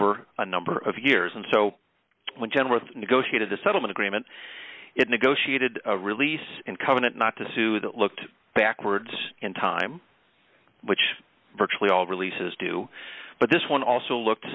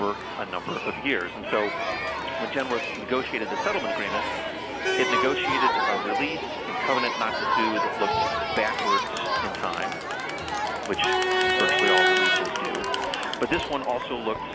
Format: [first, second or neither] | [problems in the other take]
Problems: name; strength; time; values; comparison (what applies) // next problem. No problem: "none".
first | background sound (Crowd); 4 dB above the speech